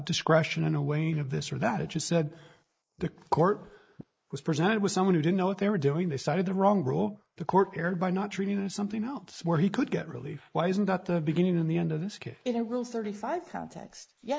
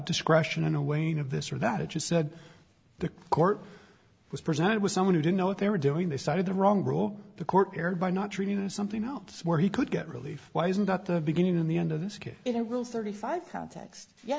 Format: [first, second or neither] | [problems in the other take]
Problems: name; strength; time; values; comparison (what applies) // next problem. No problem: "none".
second | noise reduction (neural mask model Resemble Enhance denoiser)